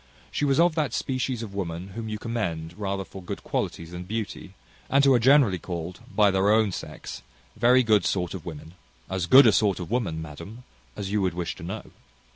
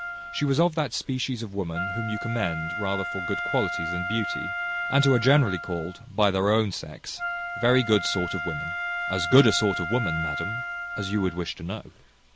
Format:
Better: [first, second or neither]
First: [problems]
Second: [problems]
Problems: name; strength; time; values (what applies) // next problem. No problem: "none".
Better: first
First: none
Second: background sound (Wind instrument, woodwind instrument); 6 dB below the speech